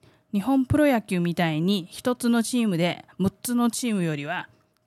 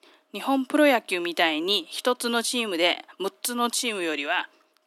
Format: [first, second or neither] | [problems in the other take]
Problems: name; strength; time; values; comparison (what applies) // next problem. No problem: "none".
first | thin; somewhat; fading below 300 Hz